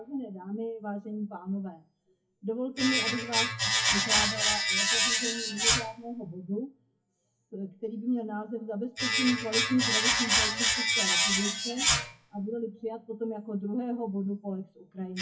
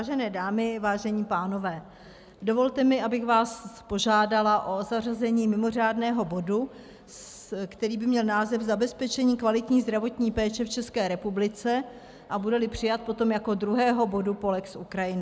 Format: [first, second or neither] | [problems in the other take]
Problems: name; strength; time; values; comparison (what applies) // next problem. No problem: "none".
second | noise reduction (classical method WPE with log-MMSE)